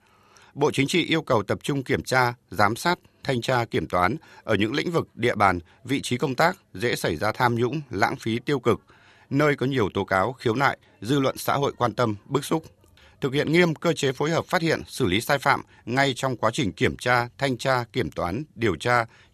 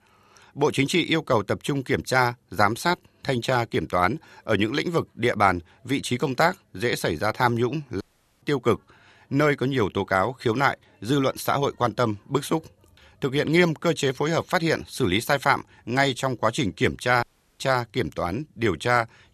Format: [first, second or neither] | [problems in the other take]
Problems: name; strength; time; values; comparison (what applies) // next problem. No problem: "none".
first | audio cutting out; at 8 s and at 17 s